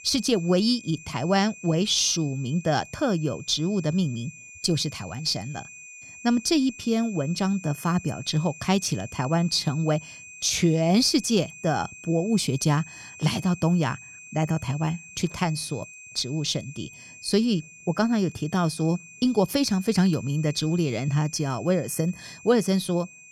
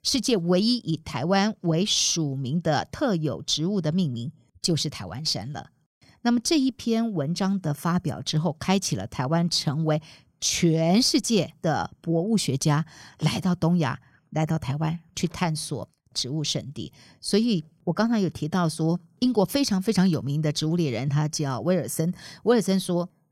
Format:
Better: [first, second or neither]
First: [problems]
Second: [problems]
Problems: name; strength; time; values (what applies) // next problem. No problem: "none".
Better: second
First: high-pitched whine; noticeable; throughout; 2.5 kHz, 20 dB below the speech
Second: none